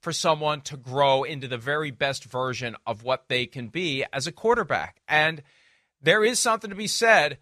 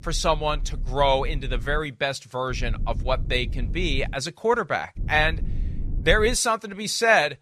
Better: first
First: none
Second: low rumble; faint; until 2 s, from 2.5 to 4 s and from 5 to 6.5 s; 25 dB below the speech

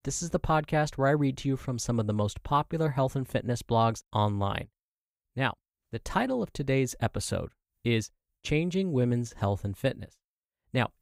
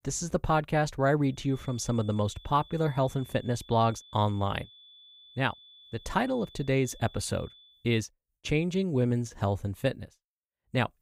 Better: first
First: none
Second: high-pitched whine; faint; from 1.5 to 7.5 s; 3.5 kHz, 25 dB below the speech

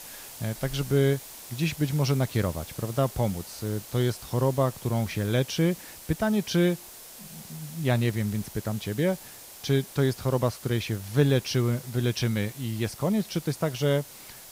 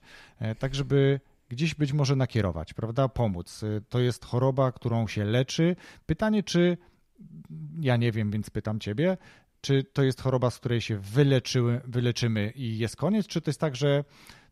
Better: second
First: hiss; noticeable; throughout; 15 dB below the speech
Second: none

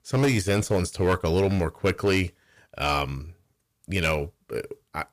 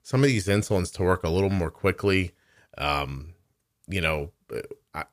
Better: second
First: distortion; slight; 5% of the sound clipped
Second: none

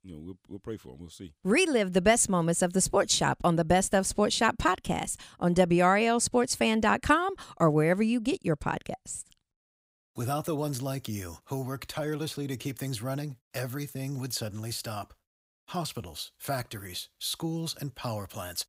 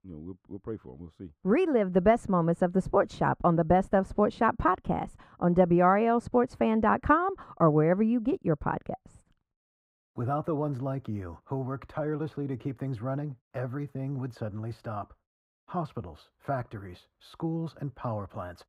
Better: first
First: none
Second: muffled; very; fading above 2.5 kHz

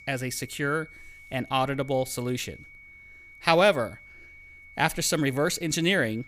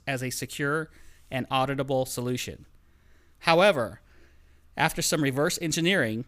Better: second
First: high-pitched whine; faint; throughout; 2 kHz, 20 dB below the speech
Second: none

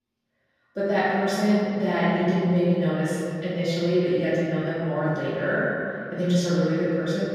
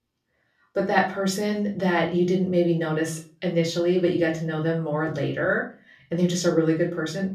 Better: second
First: room echo; strong; dies away in 2.4 s // off-mic speech; far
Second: room echo; slight; dies away in 0.3 s // off-mic speech; somewhat distant

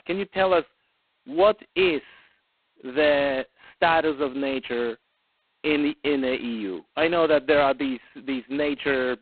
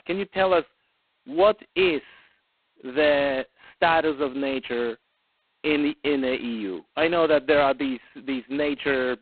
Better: neither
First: phone-call audio; poor line; nothing above 4 kHz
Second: phone-call audio; poor line; nothing above 4 kHz

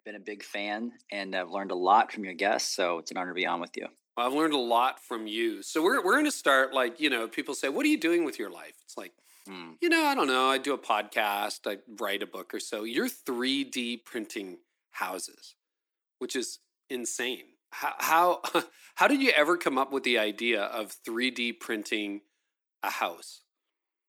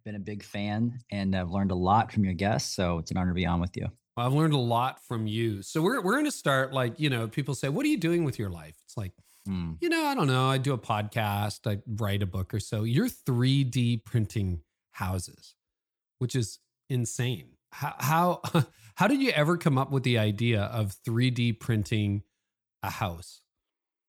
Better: second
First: thin; somewhat; fading below 250 Hz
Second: none

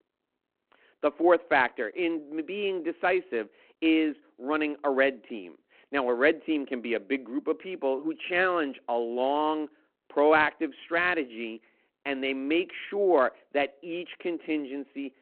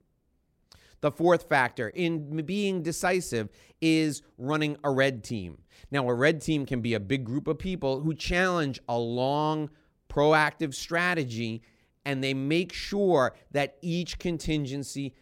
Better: second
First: phone-call audio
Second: none

